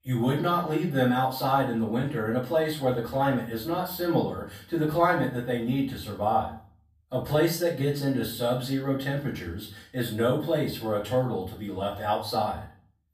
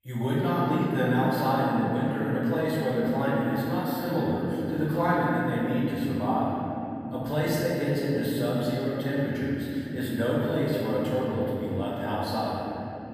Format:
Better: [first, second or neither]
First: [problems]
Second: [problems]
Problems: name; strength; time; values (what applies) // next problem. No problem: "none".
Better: first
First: room echo; slight; dies away in 0.4 s // off-mic speech; far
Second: room echo; strong; dies away in 3 s // off-mic speech; far